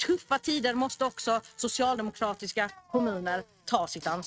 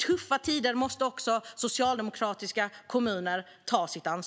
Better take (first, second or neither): second